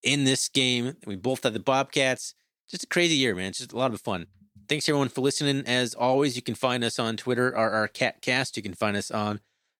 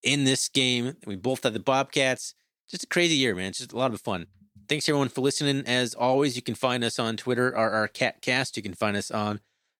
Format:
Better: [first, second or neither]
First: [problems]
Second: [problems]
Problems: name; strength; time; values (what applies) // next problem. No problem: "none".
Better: neither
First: none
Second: none